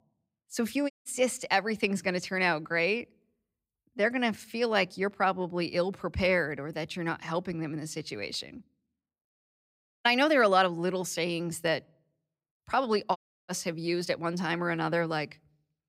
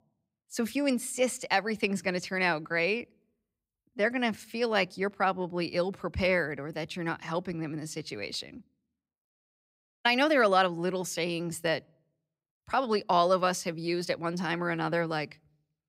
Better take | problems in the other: second | audio cutting out; at 1 s and at 13 s

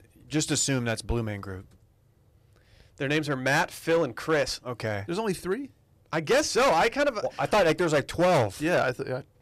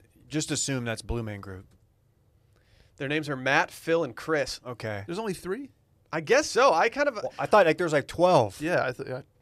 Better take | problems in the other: second | distortion; heavy; 7% of the sound clipped

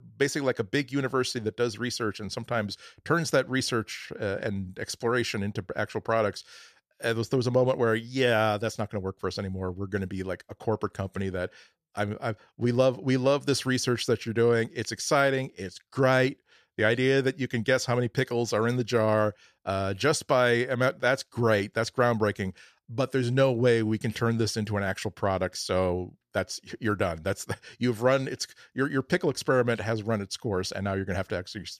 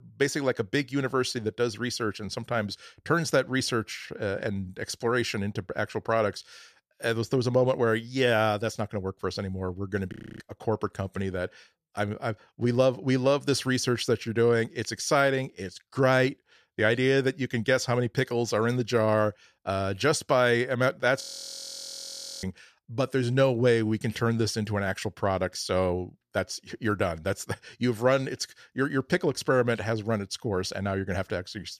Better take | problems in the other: first | audio freezing; at 10 s and at 21 s for 1 s

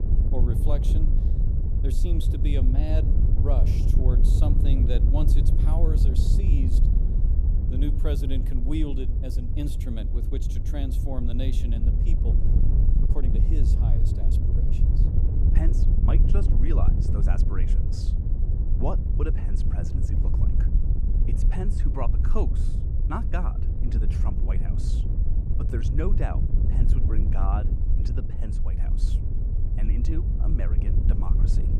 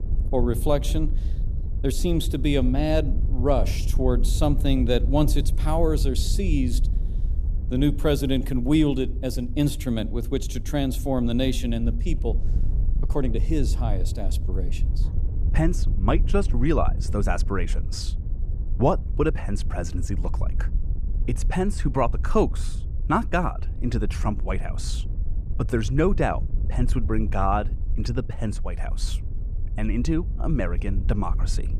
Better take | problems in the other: second | wind noise on the microphone; heavy; 2 dB below the speech; occasional gusts in the second

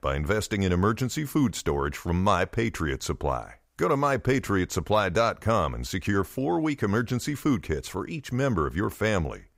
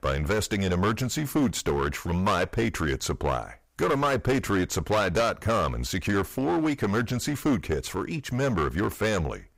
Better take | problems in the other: first | distortion; heavy; 13% of the sound clipped

